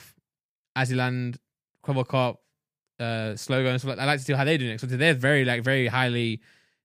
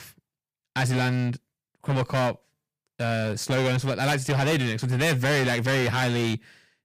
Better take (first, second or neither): first